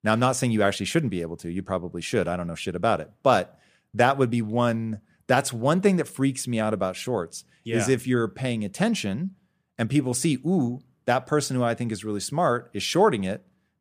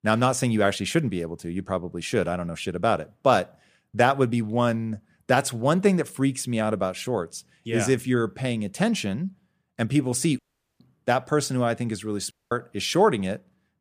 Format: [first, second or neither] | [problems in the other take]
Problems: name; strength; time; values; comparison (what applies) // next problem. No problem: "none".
first | audio cutting out; at 10 s and at 12 s